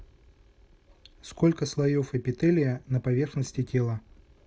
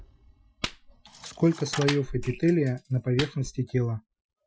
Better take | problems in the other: first | noise reduction (classical method Wiener filter)

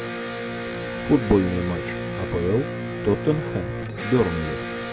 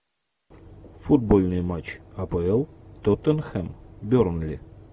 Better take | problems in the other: second | background sound (Electric guitar); 5 dB below the speech

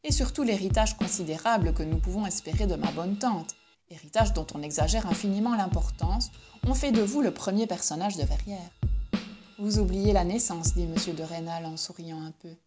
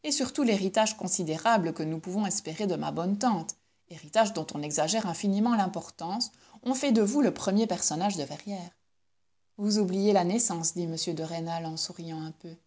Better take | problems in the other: second | background sound (Drum kit); 1 dB below the speech

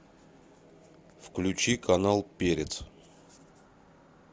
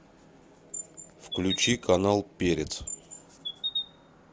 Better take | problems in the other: first | background sound (Chirp, tweet); 7 dB below the speech

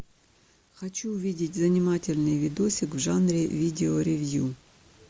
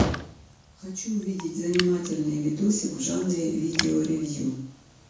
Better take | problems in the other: first | background sound (Raindrop); 12 dB below the speech // room echo; dies away in 0.6 s

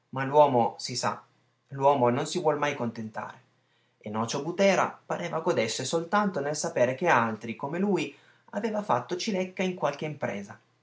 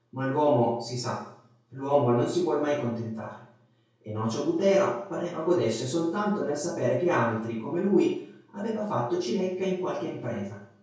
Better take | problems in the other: first | room echo; dies away in 0.6 s

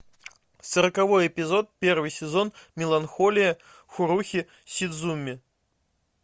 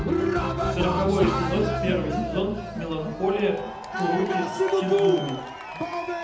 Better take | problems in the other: first | background sound (Cheering); 2 dB above the speech // room echo; dies away in 0.8 s

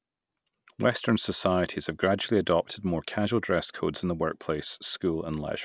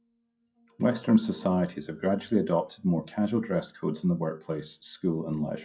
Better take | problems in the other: first | noise reduction (classical method WPE with log-MMSE)

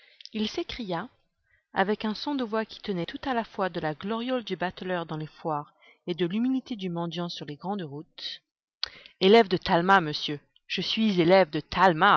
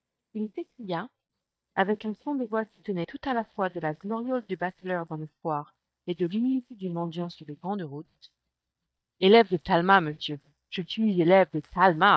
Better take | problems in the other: first | noise reduction (neural mask model DeepFilterNet 3)

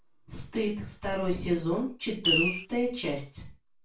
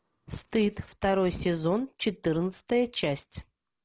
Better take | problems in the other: second | background sound (Fireworks); 4 dB above the speech // room echo; dies away in 0.3 s

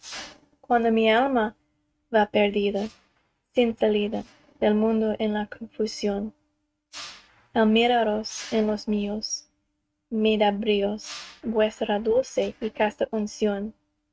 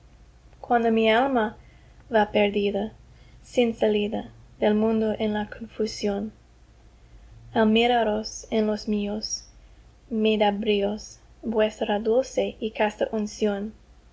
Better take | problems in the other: second | noise reduction (neural mask model RNNoise)

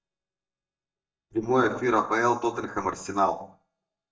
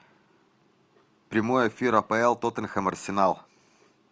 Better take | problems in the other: second | noise reduction (neural mask model DeepFilterNet 3)

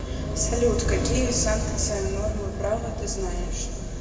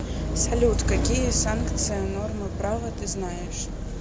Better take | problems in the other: second | room echo; dies away in 1.9 s

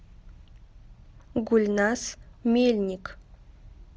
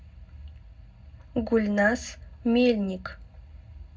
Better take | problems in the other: first | room echo; dies away in 0.3 s

